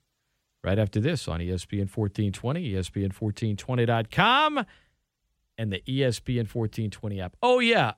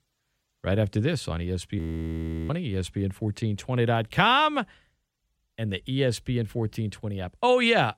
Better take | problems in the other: first | audio freezing; at 2 s for 0.5 s

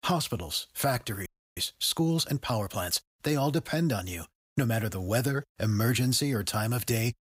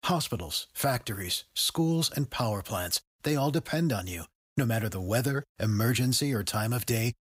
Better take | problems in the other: second | audio freezing; at 1.5 s

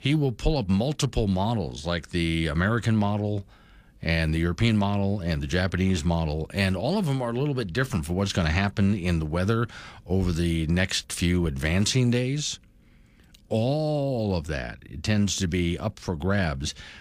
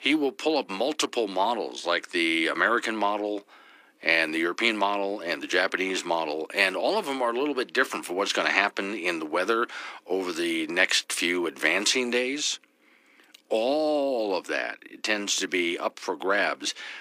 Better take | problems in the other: first | thin; very; fading below 300 Hz

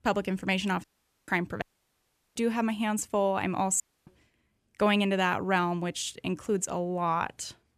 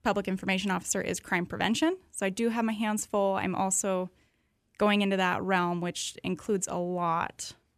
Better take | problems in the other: second | audio cutting out; at 1 s, at 1.5 s for 0.5 s and at 4 s

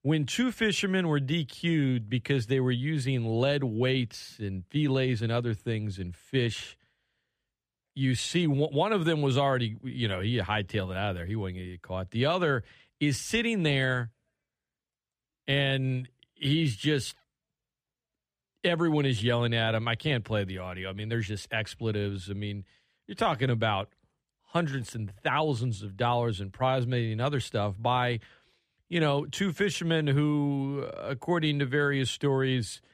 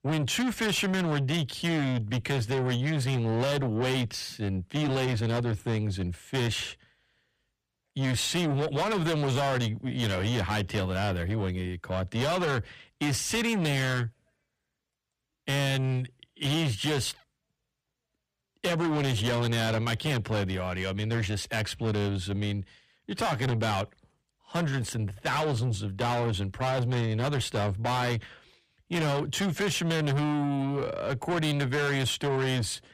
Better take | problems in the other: first | distortion; heavy; 7 dB below the speech

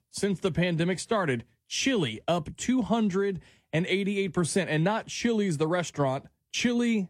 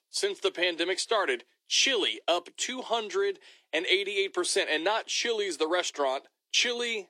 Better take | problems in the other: first | thin; very; fading below 350 Hz

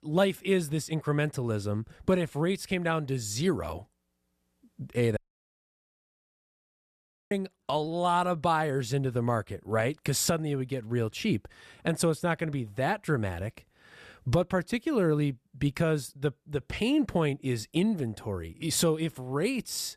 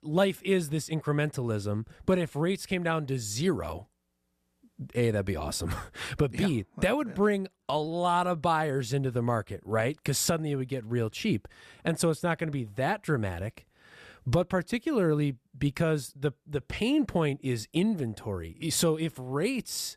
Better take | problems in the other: second | audio cutting out; at 5 s for 2 s

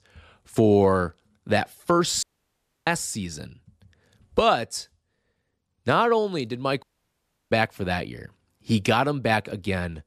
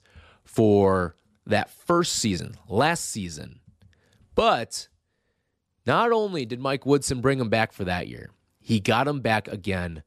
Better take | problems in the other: second | audio cutting out; at 2 s for 0.5 s and at 7 s for 0.5 s

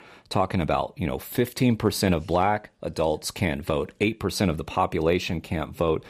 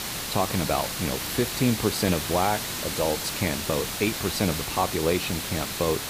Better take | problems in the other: first | hiss; loud; throughout; 2 dB below the speech

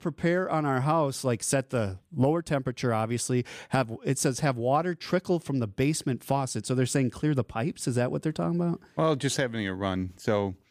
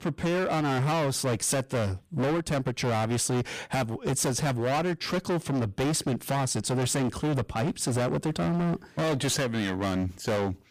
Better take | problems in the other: first | distortion; heavy; 31% of the sound clipped

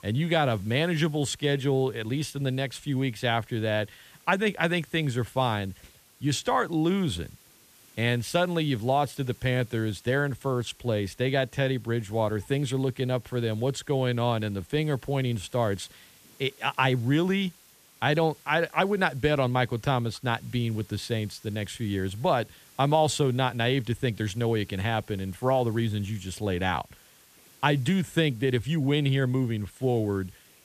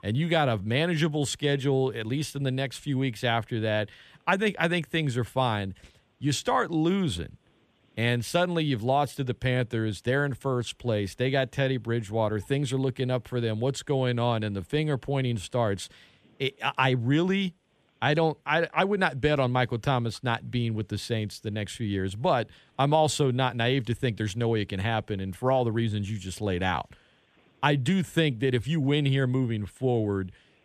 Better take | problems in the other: second | hiss; faint; throughout; 25 dB below the speech

